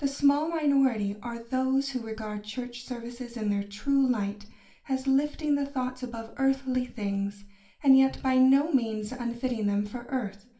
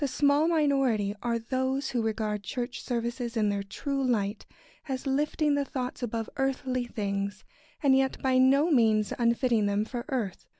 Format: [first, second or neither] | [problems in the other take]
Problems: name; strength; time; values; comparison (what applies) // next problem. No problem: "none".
second | room echo; dies away in 0.3 s